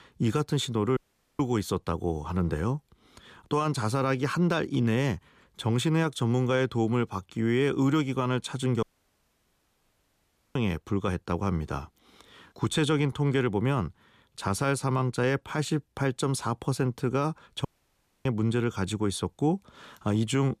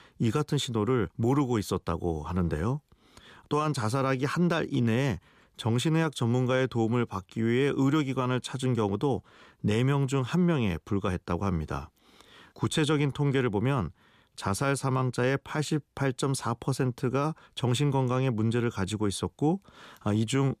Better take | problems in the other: second | audio cutting out; at 1 s, at 9 s for 1.5 s and at 18 s for 0.5 s

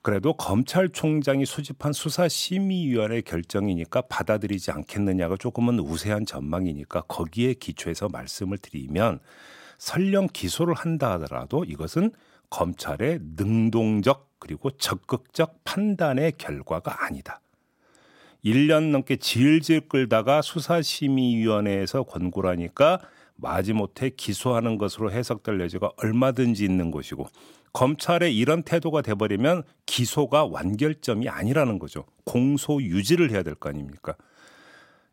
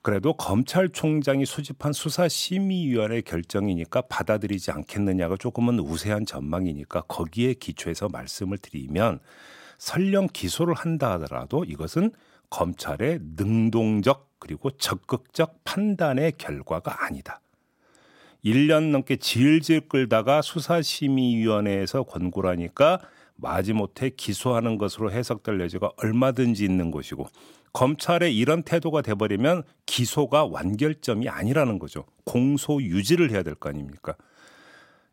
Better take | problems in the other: neither | none

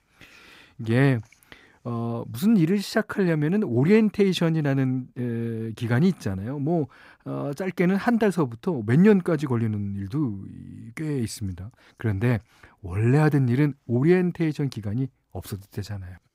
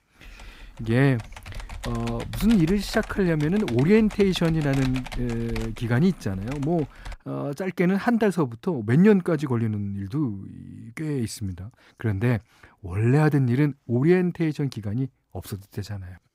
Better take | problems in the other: first | keyboard typing; faint; until 7 s; peak 10 dB below the speech

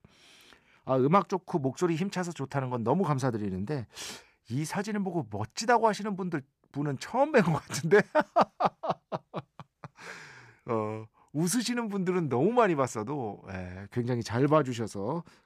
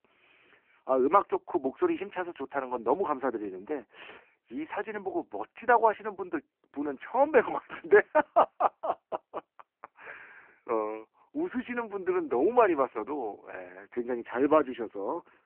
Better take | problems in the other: first | phone-call audio; poor line

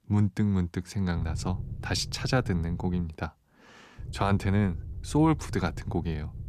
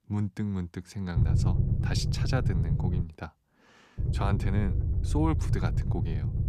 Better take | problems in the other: first | low rumble; loud; from 1 to 3 s and from 4 s on; 4 dB below the speech; faint in the first

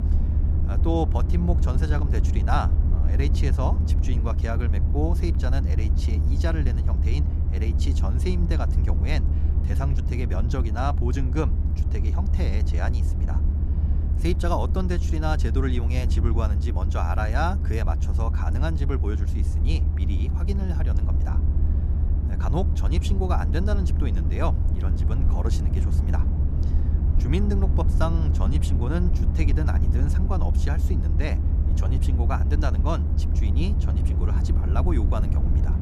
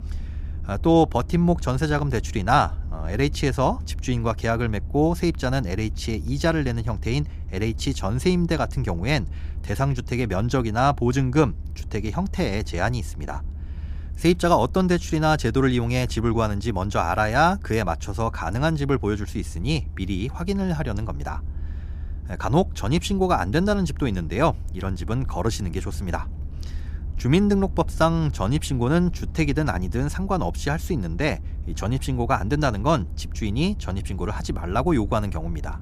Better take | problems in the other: second | low rumble; loud; throughout; 6 dB below the speech; faint in the second

